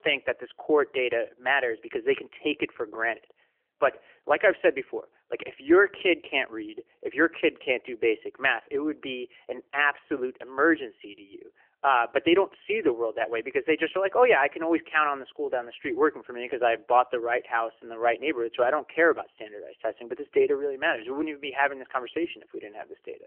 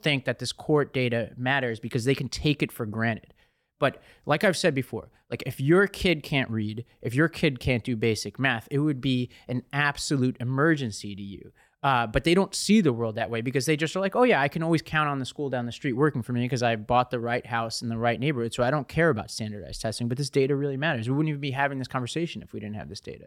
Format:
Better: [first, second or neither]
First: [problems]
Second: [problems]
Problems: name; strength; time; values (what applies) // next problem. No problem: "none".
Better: second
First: phone-call audio; nothing above 3 kHz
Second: none